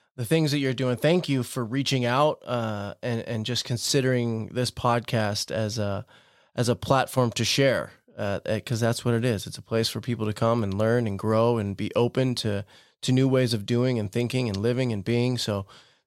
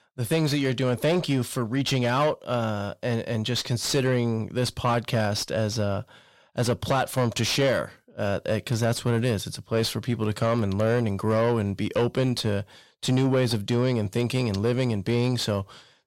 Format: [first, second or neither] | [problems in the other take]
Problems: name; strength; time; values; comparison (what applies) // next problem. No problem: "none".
first | distortion; slight; 10 dB below the speech